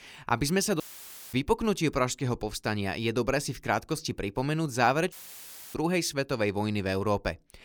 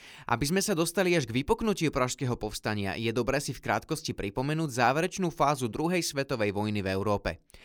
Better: second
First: audio cutting out; filled with static; at 1 s for 0.5 s and at 5 s for 0.5 s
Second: none

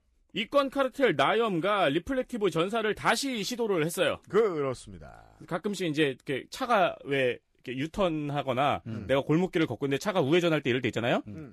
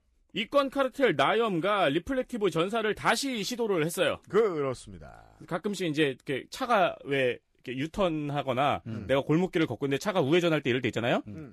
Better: neither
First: garbled, watery; slightly; nothing above 12.5 kHz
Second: garbled, watery; slightly; nothing above 12.5 kHz

